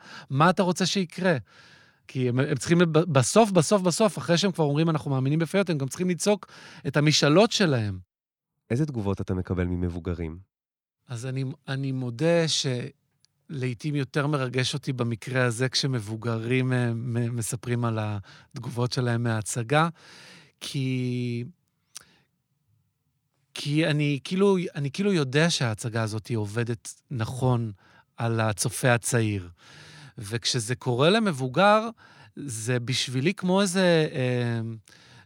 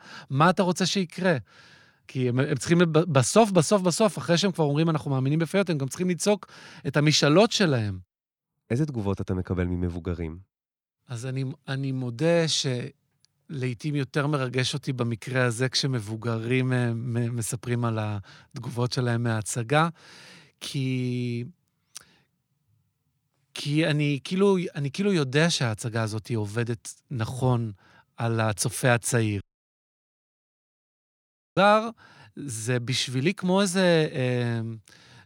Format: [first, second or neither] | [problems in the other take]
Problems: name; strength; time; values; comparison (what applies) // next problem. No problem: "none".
first | audio cutting out; at 29 s for 2 s